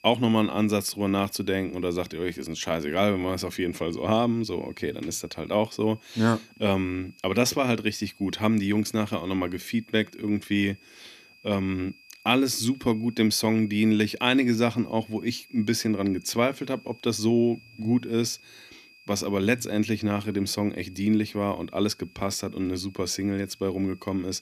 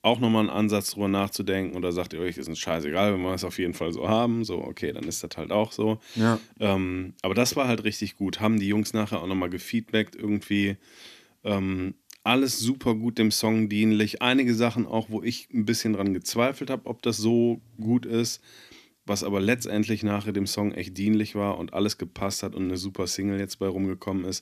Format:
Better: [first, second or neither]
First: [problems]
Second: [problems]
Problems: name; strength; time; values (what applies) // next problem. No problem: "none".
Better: second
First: high-pitched whine; faint; throughout; 2.5 kHz, 25 dB below the speech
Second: none